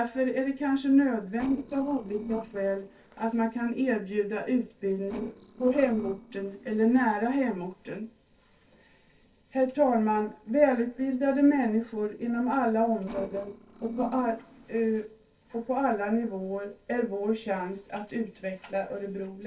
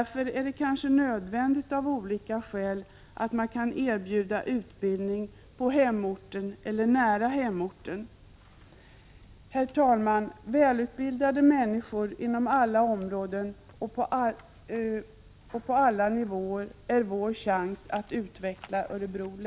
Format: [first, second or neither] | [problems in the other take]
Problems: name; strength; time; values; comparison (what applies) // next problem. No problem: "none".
second | noise reduction (neural separator model SepFormer DNS4)